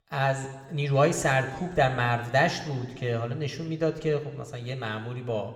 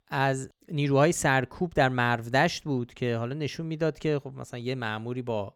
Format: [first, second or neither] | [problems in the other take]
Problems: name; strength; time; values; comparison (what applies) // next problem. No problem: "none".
second | room echo; slight; dies away in 1.2 s